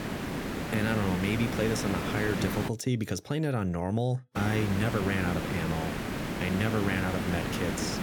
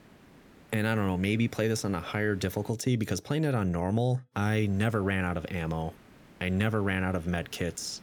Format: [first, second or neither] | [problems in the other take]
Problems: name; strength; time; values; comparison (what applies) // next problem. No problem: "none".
second | hiss; loud; until 2.5 s and from 4.5 s on; 2 dB below the speech; faint in the second